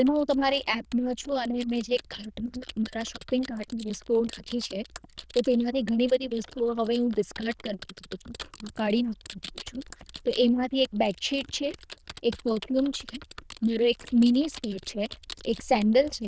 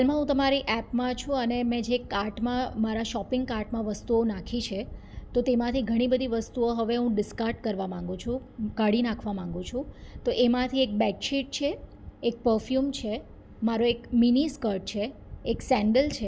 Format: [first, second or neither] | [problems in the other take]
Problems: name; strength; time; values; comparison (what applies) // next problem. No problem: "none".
second | noise reduction (neural diffusion model UNIVERSE++)